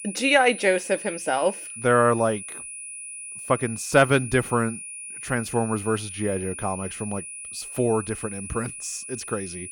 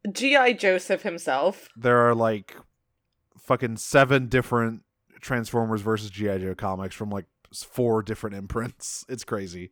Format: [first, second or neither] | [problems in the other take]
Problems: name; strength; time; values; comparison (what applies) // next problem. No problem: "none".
second | high-pitched whine; noticeable; throughout; 9.5 kHz, 10 dB below the speech